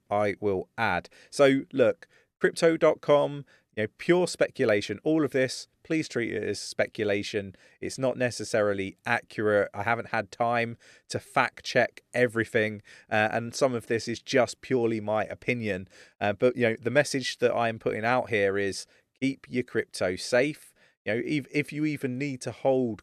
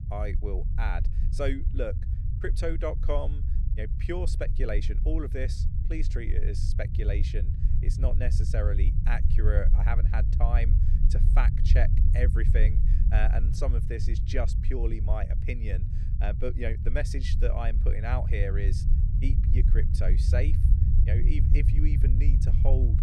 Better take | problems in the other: first | low rumble; loud; throughout; 7 dB below the speech

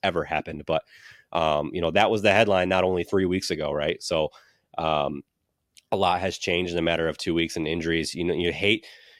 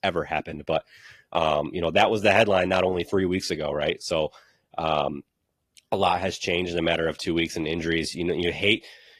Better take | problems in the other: first | garbled, watery; slightly

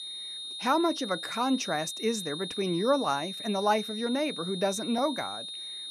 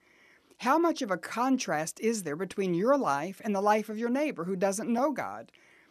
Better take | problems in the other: second | high-pitched whine; loud; throughout; 3.5 kHz, 6 dB below the speech

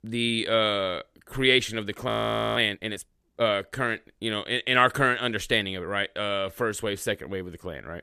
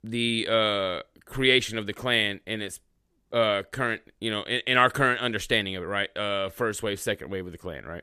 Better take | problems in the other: second | audio freezing; at 2 s

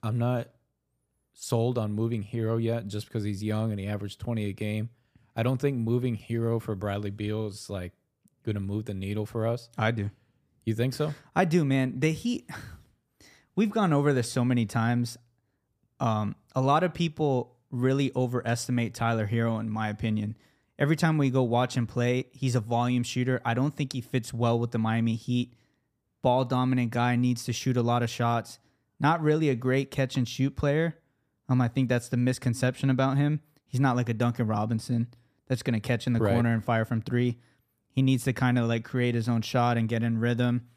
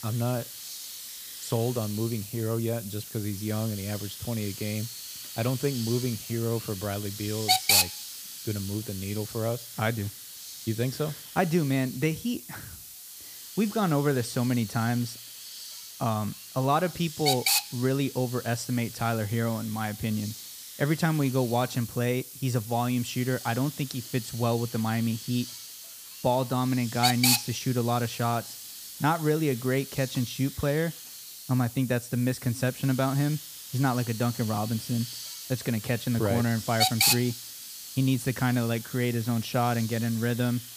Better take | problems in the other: first | hiss; loud; throughout; 4 dB below the speech

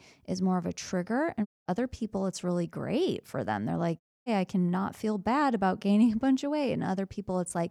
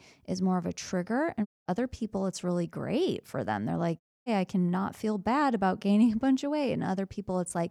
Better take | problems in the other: neither | audio cutting out; at 1.5 s and at 4 s; the same in both

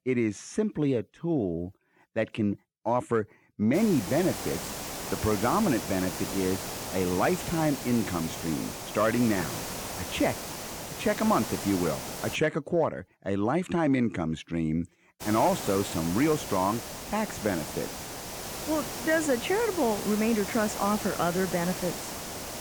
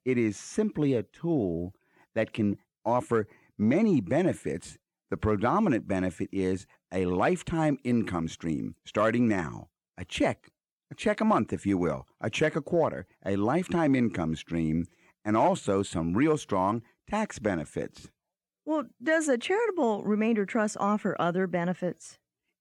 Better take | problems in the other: second | hiss; loud; from 3.5 to 12 s and from 15 s on; 7 dB below the speech

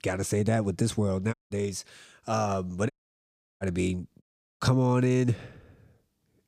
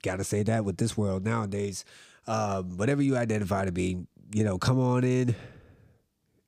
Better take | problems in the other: second | audio cutting out; at 1.5 s, at 3 s for 0.5 s and at 4 s

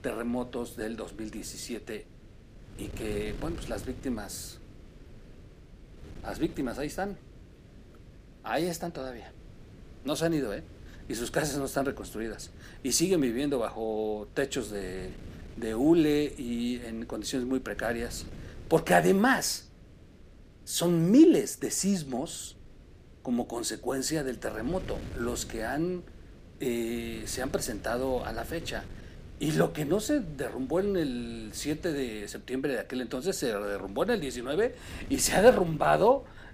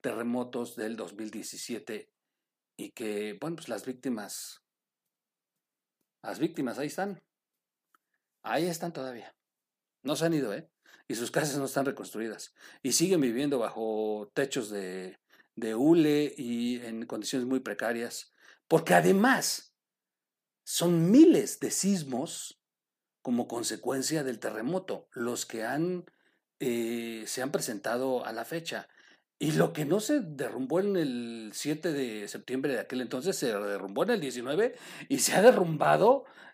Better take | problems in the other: second | wind noise on the microphone; occasional gusts; 25 dB below the speech

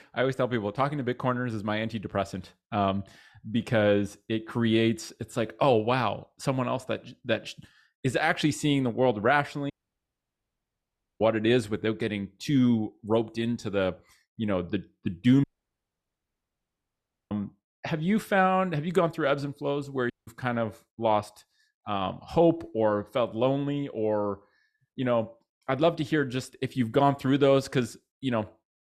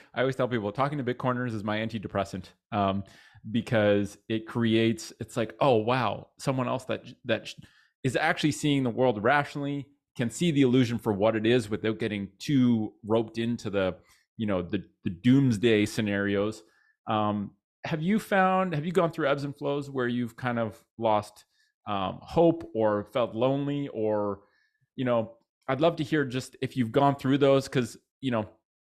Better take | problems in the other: second | audio cutting out; at 9.5 s for 1.5 s, at 15 s for 2 s and at 20 s

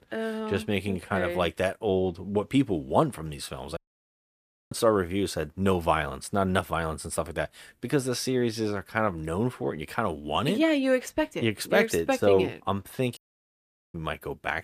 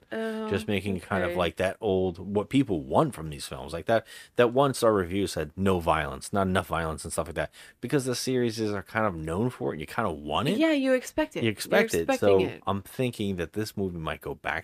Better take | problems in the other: second | audio cutting out; at 4 s for 1 s and at 13 s for 1 s

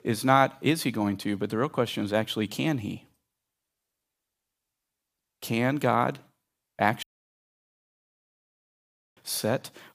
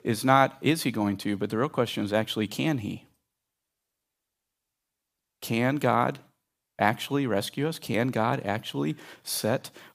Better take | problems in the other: second | audio cutting out; at 7 s for 2 s

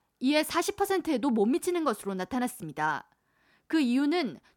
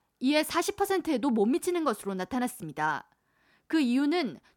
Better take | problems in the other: neither | none

